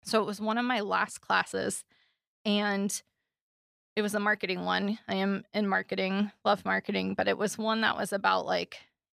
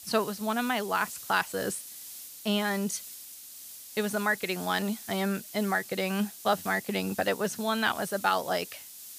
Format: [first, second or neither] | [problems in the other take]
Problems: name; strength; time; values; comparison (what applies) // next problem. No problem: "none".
first | hiss; noticeable; throughout; 10 dB below the speech